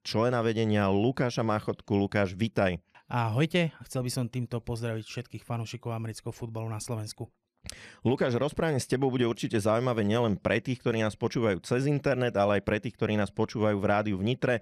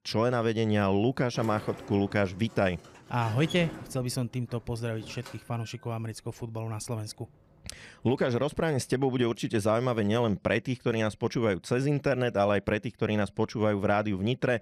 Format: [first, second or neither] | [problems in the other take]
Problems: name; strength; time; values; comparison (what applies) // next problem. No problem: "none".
first | door banging; noticeable; from 1.5 to 5.5 s; peak 10 dB below the speech